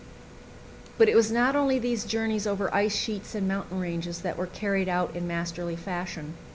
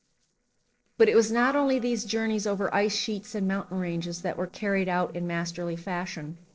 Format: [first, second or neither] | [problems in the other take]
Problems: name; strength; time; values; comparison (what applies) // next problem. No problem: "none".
first | noise reduction (neural separator model SepFormer DNS4)